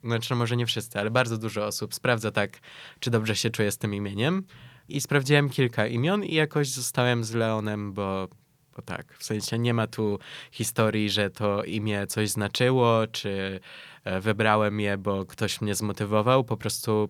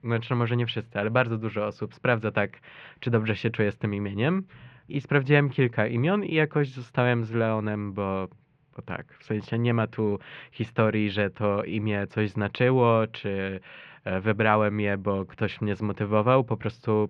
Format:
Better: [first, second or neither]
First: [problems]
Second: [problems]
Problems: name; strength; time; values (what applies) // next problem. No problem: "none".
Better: first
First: none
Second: muffled; very; fading above 2.5 kHz